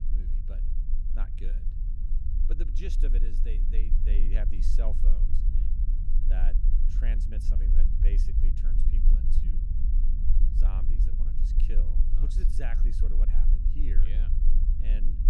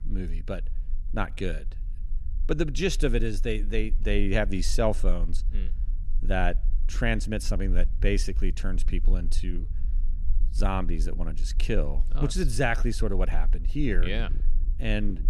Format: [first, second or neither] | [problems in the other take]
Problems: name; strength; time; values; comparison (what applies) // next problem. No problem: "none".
second | low rumble; loud; throughout; 3 dB below the speech; faint in the second